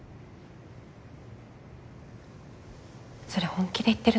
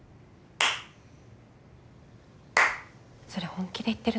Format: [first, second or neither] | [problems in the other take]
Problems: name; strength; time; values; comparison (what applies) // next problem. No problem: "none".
first | background sound (Clapping / Chirp, tweet); 4 dB above the speech